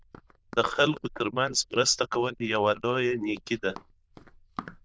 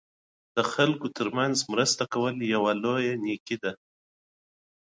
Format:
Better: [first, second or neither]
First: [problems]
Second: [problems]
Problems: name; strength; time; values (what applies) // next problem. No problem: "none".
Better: second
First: noise reduction (neural diffusion model UNIVERSE++)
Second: none